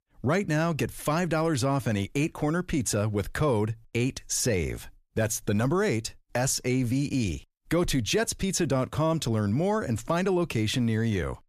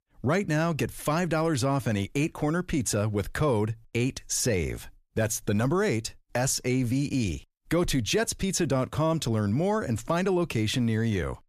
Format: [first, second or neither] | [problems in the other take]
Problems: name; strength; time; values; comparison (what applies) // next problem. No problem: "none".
neither | none